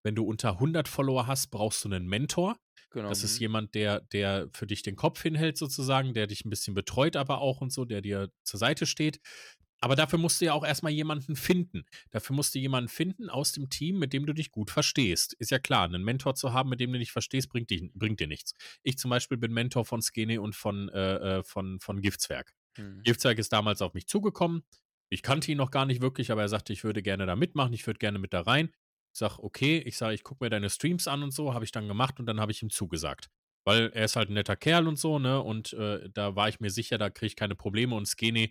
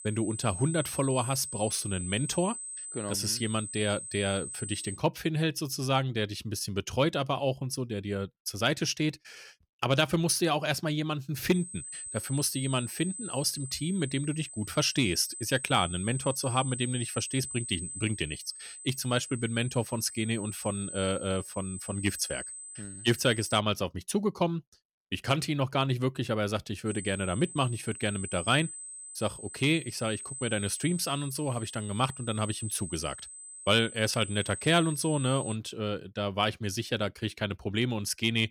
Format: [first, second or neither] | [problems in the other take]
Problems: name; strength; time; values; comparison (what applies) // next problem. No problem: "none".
first | high-pitched whine; loud; until 5 s, from 12 to 24 s and from 27 to 36 s; 8 kHz, 9 dB below the speech